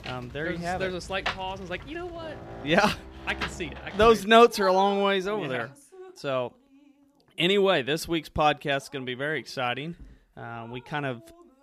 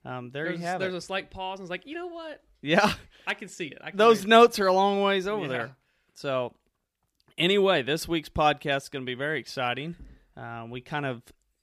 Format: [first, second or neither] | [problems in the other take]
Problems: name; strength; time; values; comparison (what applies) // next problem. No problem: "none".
second | rain or running water; noticeable; throughout; 15 dB below the speech